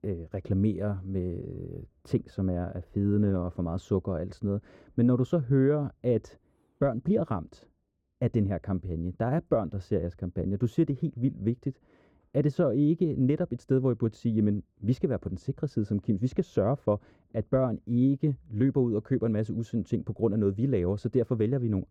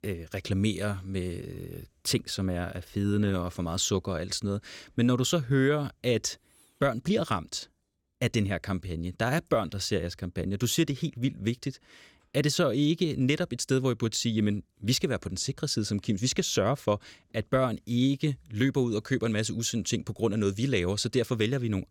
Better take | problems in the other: second | muffled; very; fading above 1.5 kHz

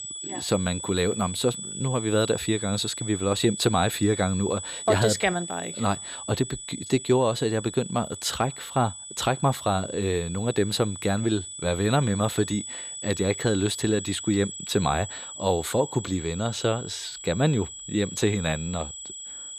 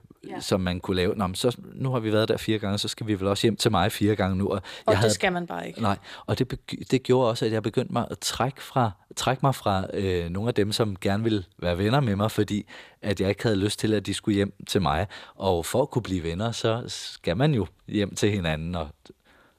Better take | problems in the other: second | high-pitched whine; loud; throughout; 8 kHz, 9 dB below the speech

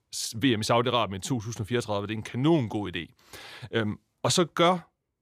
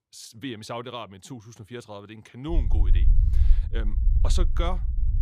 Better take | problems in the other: first | low rumble; loud; from 2.5 s on; 9 dB below the speech

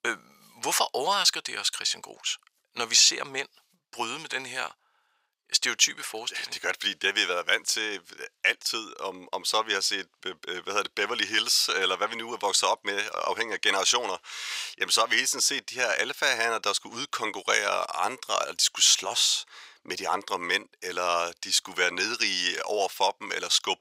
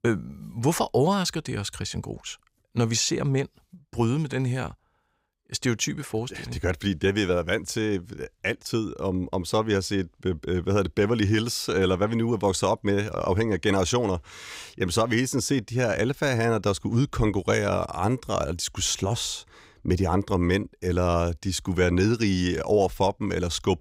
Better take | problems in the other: second | thin; very; fading below 900 Hz

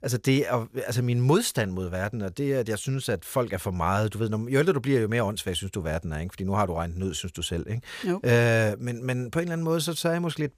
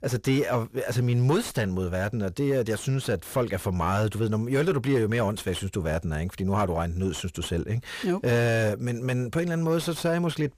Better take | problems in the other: first | distortion; slight; 10 dB below the speech

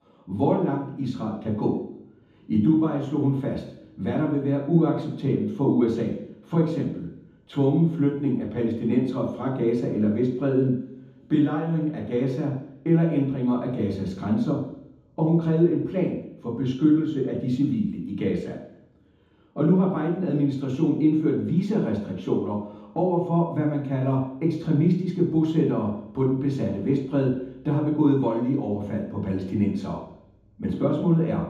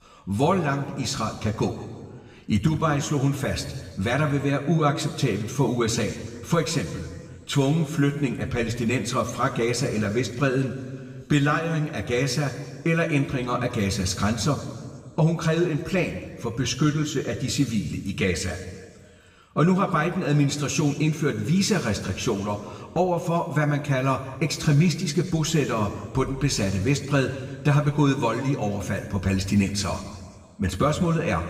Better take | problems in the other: second | room echo; strong; dies away in 0.9 s; slight in the second // off-mic speech; far; somewhat distant in the second

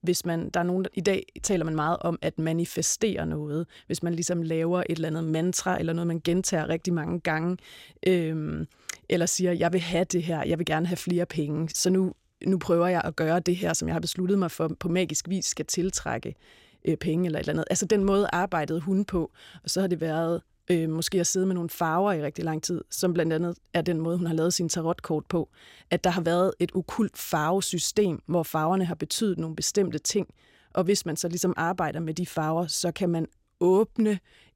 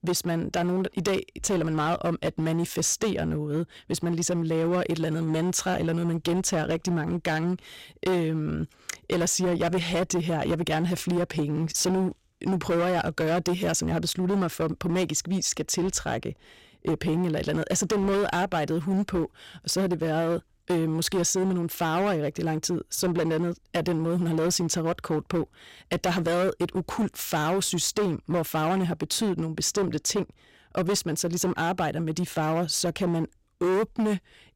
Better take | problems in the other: first | distortion; slight; 15% of the sound clipped

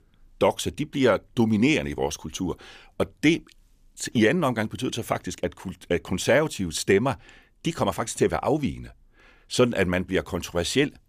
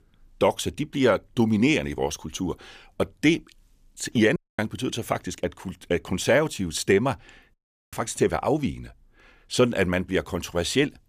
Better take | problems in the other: first | audio cutting out; at 4.5 s and at 7.5 s

